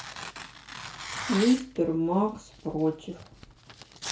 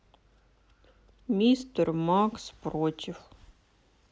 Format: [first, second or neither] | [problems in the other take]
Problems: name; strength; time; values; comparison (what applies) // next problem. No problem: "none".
second | background sound (Tearing); 11 dB below the speech // room echo; dies away in 0.3 s